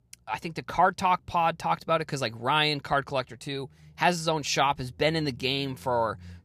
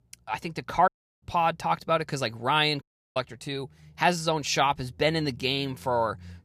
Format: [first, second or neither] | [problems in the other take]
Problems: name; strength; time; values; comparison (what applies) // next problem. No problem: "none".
first | audio cutting out; at 1 s and at 3 s